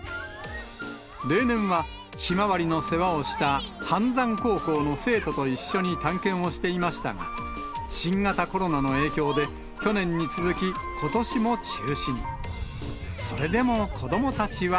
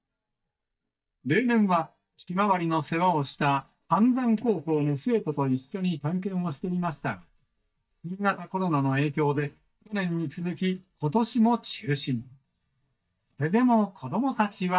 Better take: first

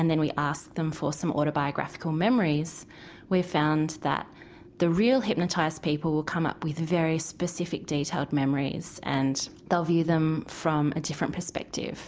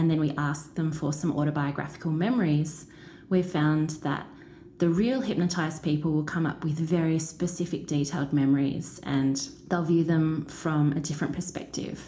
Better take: first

